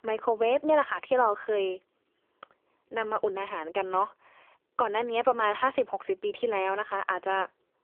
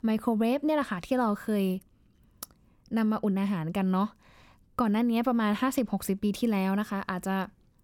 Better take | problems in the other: second | phone-call audio; poor line; nothing above 3.5 kHz

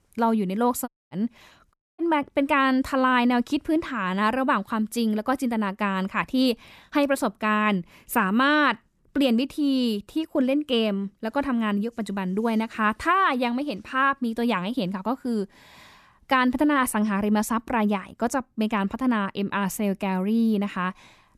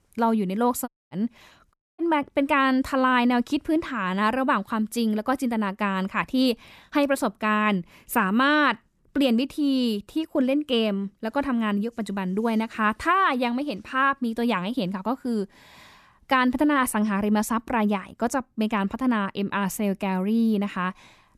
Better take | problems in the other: neither | audio cutting out; at 1 s and at 1.5 s; the same in both

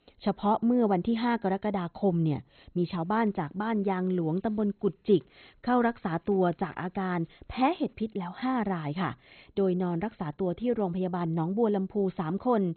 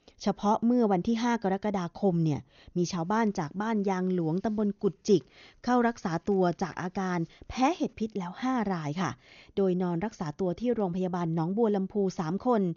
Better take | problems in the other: second | garbled, watery; badly; nothing above 4 kHz; slightly in the second

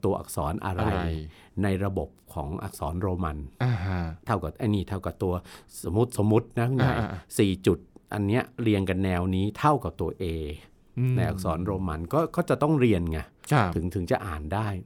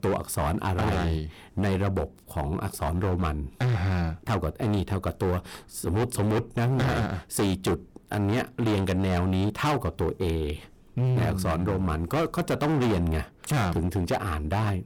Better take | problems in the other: first | distortion; heavy; 19% of the sound clipped

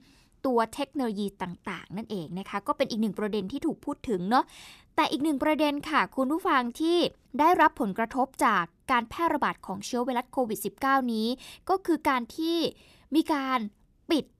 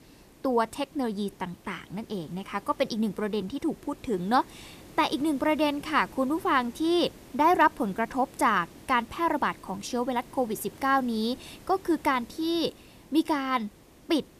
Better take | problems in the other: first | hiss; faint; throughout; 25 dB below the speech

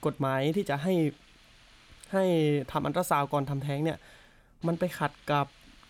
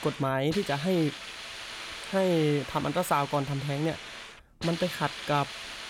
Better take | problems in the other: first | hiss; loud; throughout; 10 dB below the speech; faint in the first

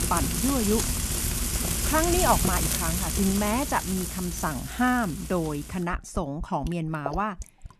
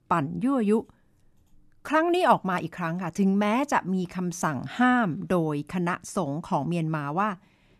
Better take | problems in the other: second | household noises; very loud; throughout; as loud as the speech

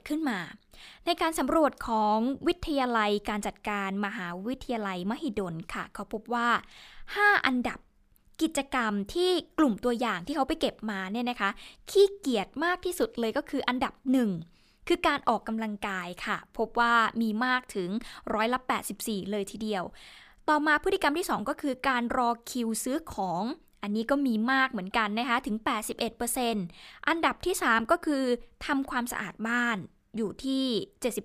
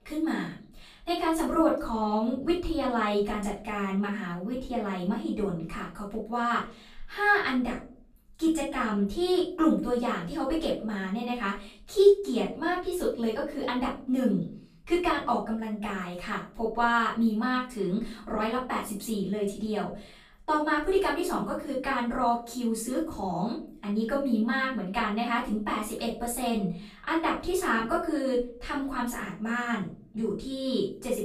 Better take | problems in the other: first | off-mic speech; far // room echo; noticeable; dies away in 0.4 s

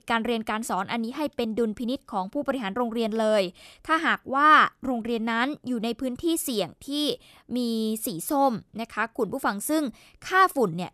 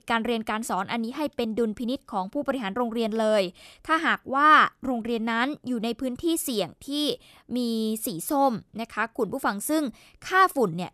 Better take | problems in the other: neither | none

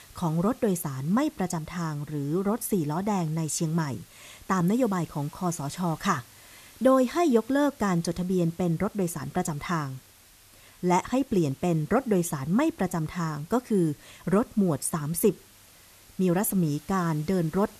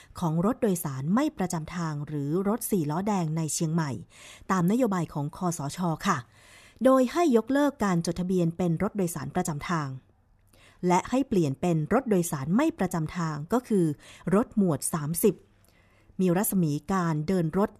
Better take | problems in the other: second | hiss; faint; throughout; 25 dB below the speech

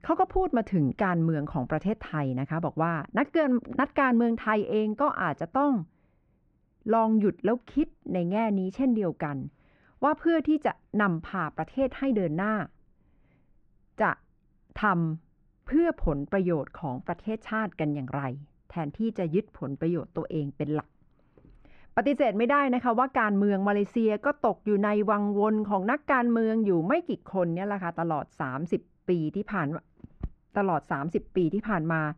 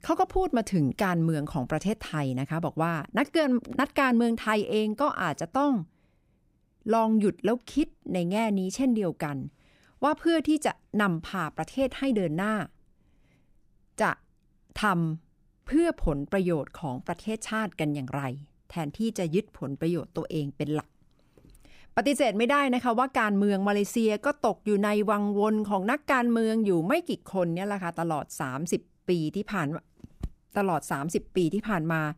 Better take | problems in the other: second | muffled; very; fading above 1.5 kHz

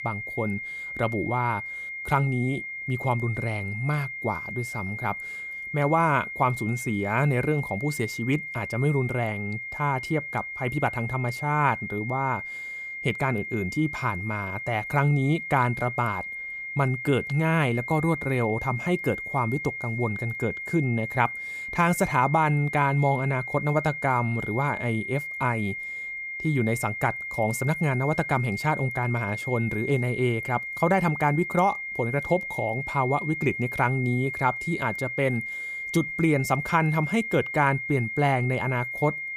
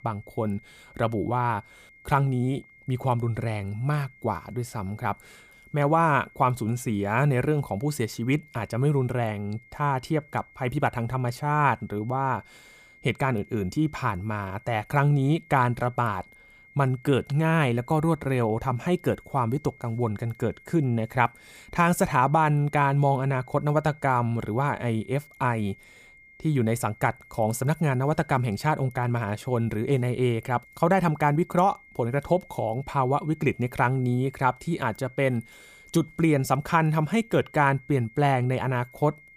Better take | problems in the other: second | high-pitched whine; loud; throughout; 2 kHz, 6 dB below the speech; faint in the second

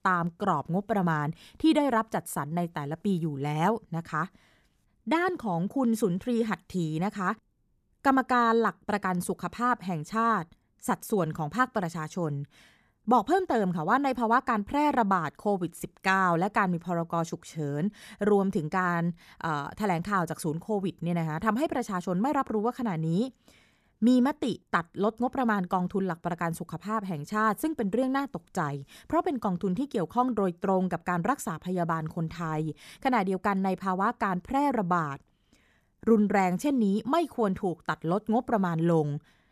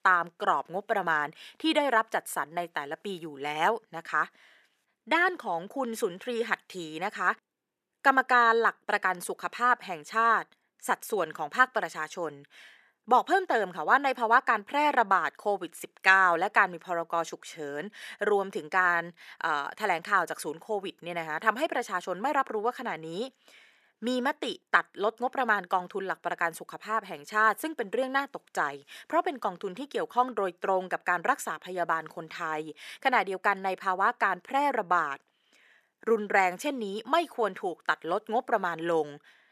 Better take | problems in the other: first | thin; somewhat; fading below 500 Hz

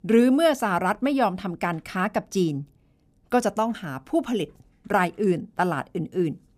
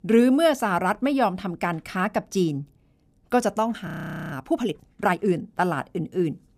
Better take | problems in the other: first | audio freezing; at 4 s

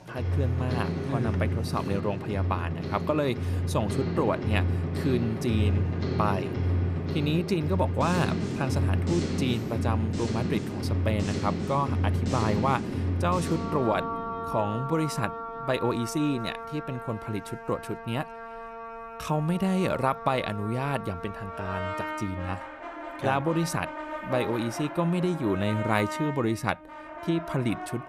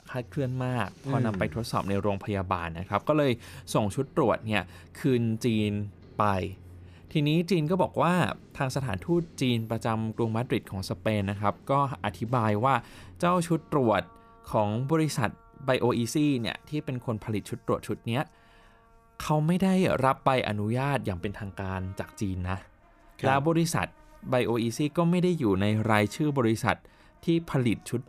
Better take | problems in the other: second | background music; loud; throughout; 2 dB below the speech; faint in the second

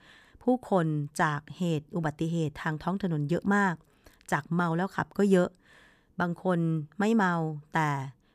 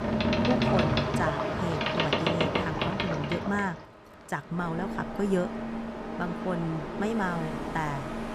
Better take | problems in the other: first | train or aircraft noise; very loud; throughout; 2 dB above the speech

